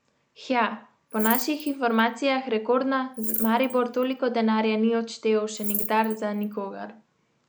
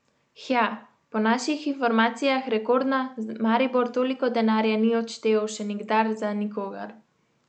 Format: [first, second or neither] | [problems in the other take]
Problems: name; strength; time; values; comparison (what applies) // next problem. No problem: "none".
second | background sound (Rattle / Keys jangling); 10 dB below the speech